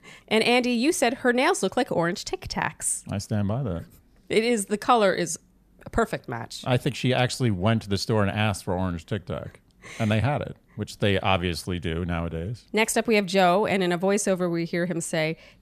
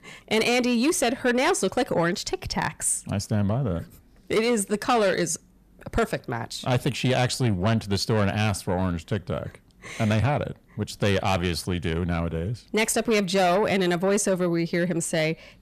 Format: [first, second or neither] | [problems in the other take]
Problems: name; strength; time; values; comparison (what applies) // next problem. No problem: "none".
first | distortion; slight; 10 dB below the speech